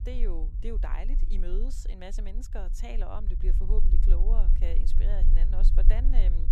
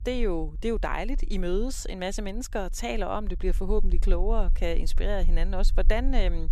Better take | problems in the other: second | low rumble; loud; throughout; 8 dB below the speech; faint in the second

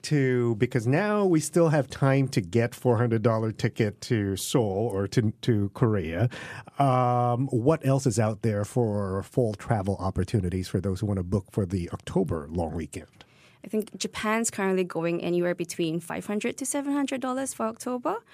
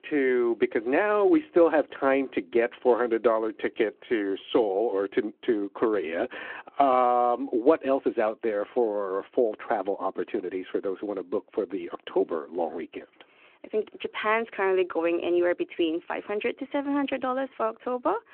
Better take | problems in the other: first | phone-call audio

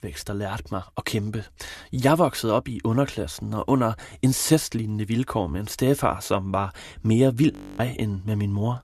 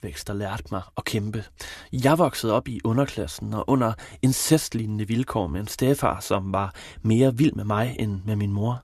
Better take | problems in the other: second | audio freezing; at 7.5 s

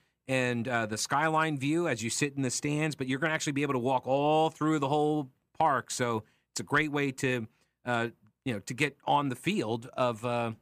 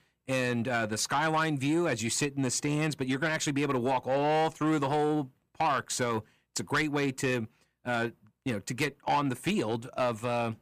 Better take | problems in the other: first | distortion; slight; 10 dB below the speech

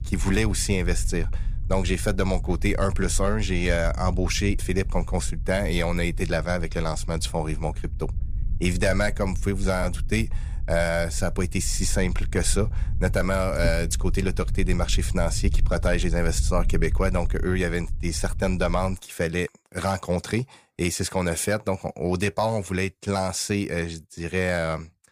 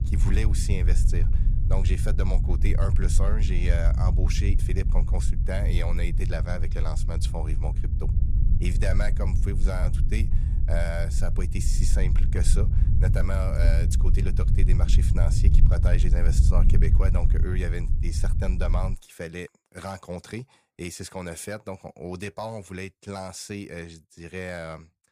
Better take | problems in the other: first | low rumble; loud; until 19 s; 6 dB below the speech; faint in the first

